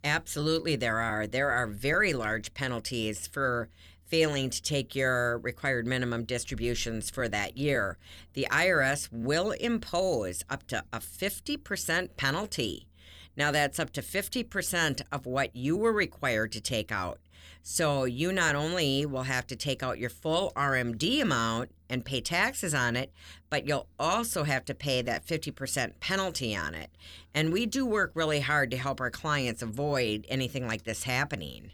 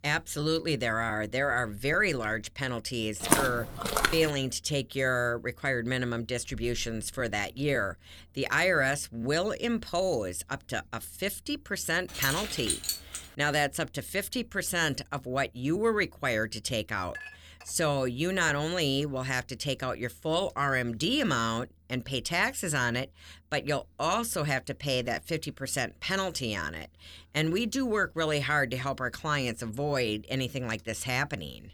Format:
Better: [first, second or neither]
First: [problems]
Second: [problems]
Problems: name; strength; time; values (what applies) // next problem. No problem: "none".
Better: first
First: none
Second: footsteps; loud; at 3.5 s; peak 4 dB above the speech // jangling keys; noticeable; from 12 to 13 s; peak level with the speech // clattering dishes; faint; at 17 s; peak 15 dB below the speech